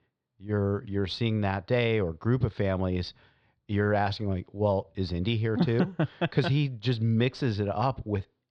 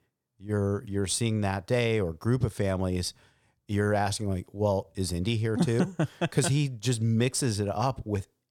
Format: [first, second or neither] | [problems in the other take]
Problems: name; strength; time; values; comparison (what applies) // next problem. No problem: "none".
second | muffled; very slightly; fading above 4 kHz